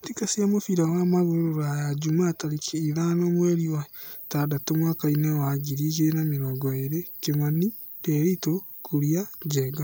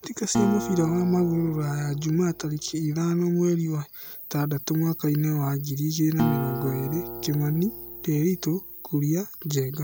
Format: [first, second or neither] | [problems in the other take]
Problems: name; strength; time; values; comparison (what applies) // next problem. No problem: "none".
first | background sound (Acoustic guitar); 8 dB below the speech